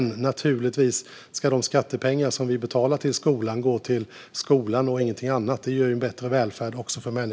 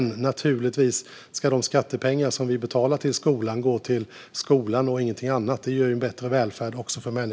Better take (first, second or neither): second